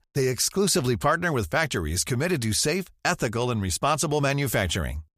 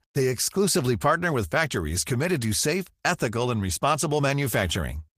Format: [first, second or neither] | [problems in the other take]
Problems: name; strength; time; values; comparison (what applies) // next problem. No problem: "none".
first | garbled, watery; slightly; nothing above 15 kHz